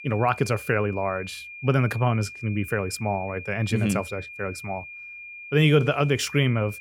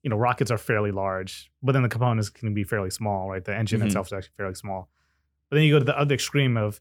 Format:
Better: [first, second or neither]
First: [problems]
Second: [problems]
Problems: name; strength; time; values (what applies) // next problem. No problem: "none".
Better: second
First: high-pitched whine; noticeable; throughout; 2.5 kHz, 15 dB below the speech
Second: none